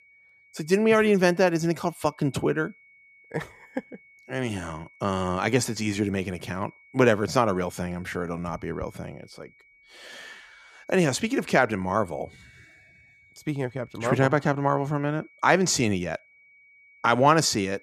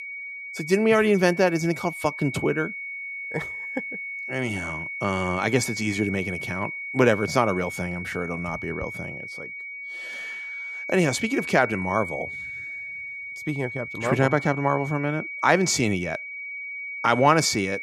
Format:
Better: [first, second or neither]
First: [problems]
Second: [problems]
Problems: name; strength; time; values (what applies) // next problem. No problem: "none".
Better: first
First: high-pitched whine; faint; throughout; 2 kHz, 30 dB below the speech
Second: high-pitched whine; loud; throughout; 2 kHz, 8 dB below the speech